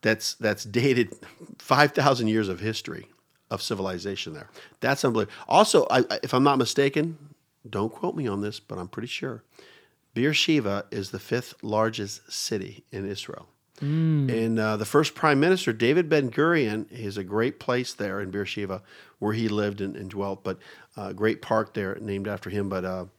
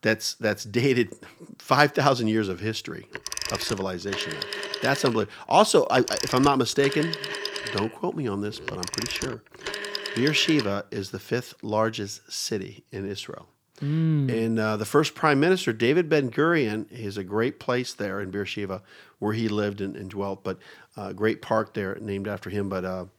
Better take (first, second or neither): first